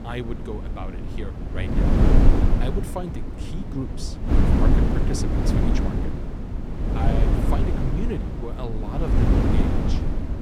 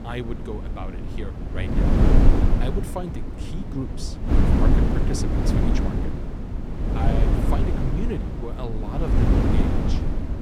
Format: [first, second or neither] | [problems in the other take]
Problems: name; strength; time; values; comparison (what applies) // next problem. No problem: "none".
neither | wind noise on the microphone; heavy; 4 dB above the speech; the same in both